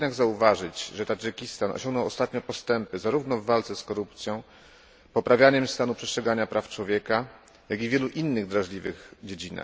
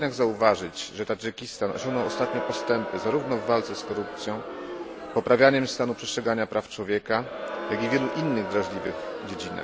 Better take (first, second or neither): first